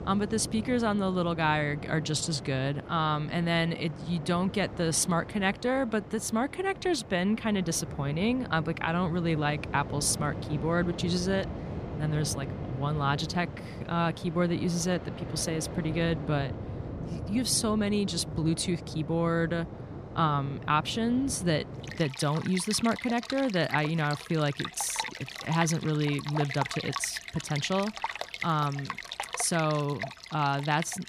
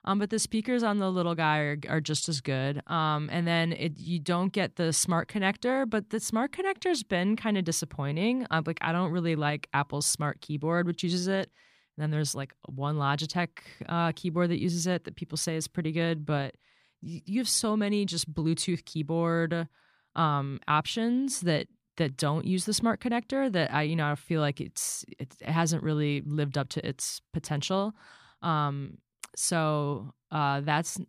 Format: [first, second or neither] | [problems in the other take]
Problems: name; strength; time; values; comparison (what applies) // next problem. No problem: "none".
second | rain or running water; loud; throughout; 10 dB below the speech